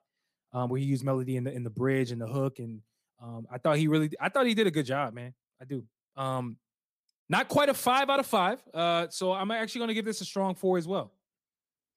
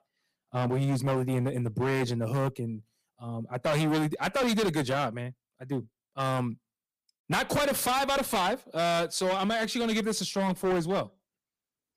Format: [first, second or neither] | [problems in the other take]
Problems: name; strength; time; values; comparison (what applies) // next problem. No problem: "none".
first | distortion; heavy; 16% of the sound clipped